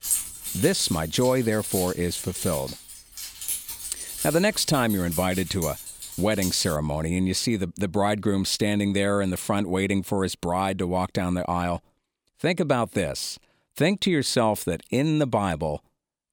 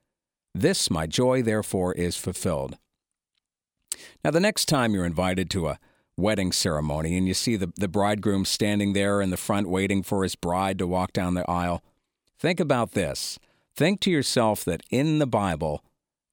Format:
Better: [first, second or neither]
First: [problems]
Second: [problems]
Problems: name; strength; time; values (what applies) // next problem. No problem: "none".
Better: second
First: jangling keys; loud; until 6.5 s; peak level with the speech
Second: none